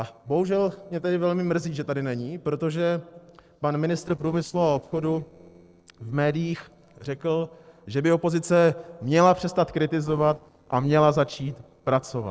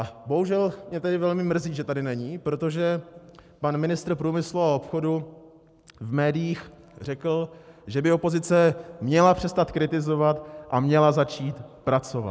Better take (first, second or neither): second